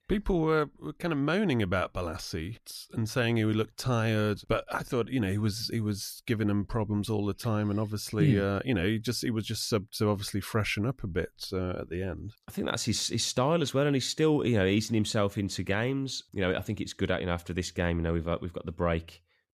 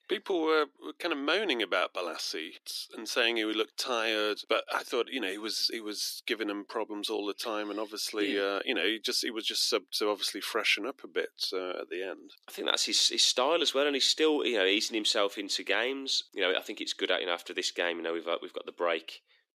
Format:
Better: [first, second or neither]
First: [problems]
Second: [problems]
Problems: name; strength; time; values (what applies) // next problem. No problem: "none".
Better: first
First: none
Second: thin; very; fading below 300 Hz